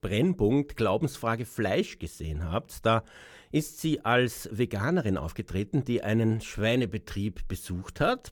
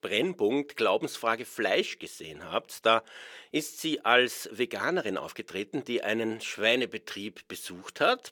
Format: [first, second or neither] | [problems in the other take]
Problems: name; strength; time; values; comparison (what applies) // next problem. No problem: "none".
first | thin; somewhat; fading below 400 Hz